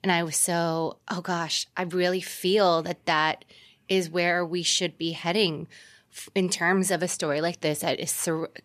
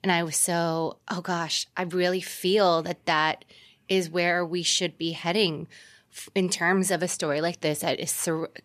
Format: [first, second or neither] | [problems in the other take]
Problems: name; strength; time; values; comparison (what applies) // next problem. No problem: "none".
neither | none